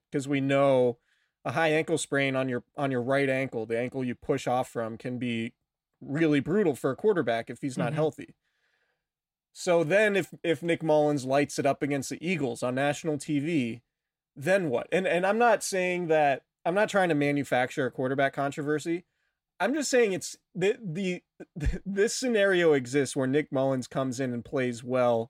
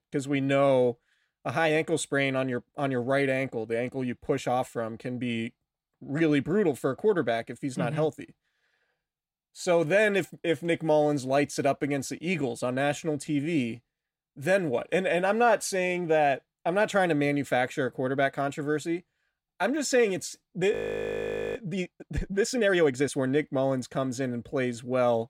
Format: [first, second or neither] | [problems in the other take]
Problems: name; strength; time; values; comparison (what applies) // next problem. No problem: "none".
first | audio freezing; at 21 s for 1 s